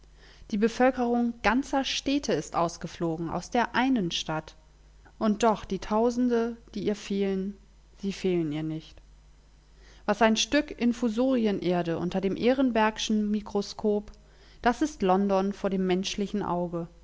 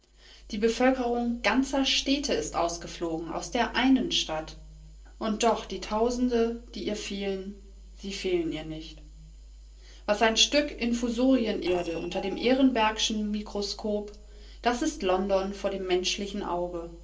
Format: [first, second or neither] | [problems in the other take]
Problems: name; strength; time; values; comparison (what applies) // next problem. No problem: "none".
first | noise reduction (neural separator model SepFormer DNS4)